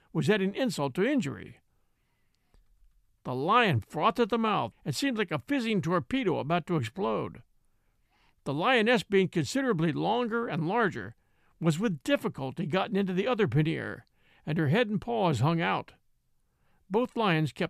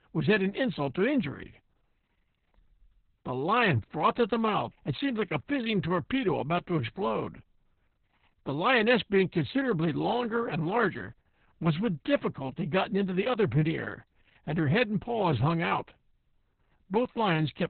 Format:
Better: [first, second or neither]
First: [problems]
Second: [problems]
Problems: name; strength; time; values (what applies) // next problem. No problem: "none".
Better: first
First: none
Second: garbled, watery; badly; nothing above 4 kHz